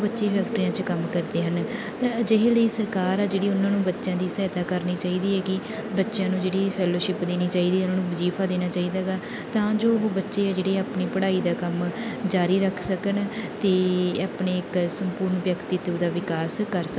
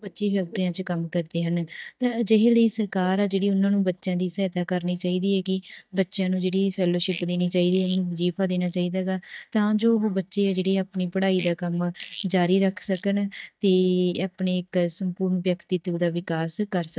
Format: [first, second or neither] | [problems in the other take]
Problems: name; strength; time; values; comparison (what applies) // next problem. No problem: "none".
first | noise reduction (neural mask model DeepFilterNet 3)